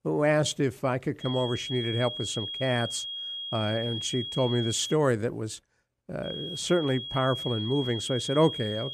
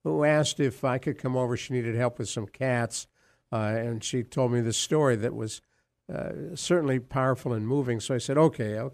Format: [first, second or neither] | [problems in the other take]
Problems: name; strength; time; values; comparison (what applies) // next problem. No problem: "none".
second | high-pitched whine; loud; from 1 to 5 s and from 6.5 s on; 3.5 kHz, 6 dB below the speech